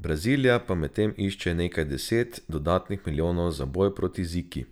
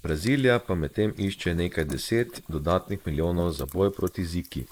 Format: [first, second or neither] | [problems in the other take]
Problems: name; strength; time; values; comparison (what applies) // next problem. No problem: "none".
first | noise reduction (neural mask model Resemble Enhance denoiser)